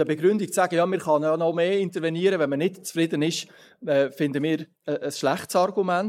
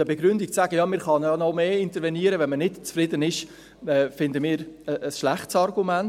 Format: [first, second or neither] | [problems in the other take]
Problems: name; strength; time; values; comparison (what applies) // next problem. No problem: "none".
second | noise reduction (neural mask model Resemble Enhance denoiser)